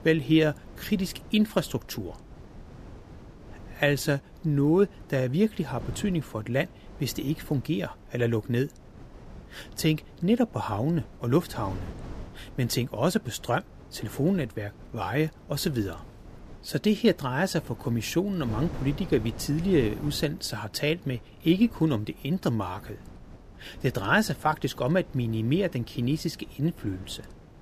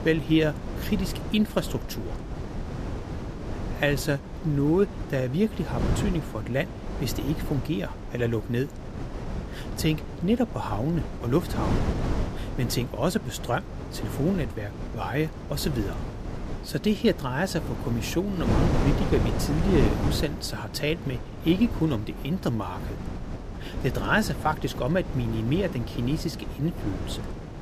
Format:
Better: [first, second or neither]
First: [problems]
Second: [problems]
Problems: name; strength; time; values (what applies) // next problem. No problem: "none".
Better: first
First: wind noise on the microphone; occasional gusts; 20 dB below the speech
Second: wind noise on the microphone; heavy; 7 dB below the speech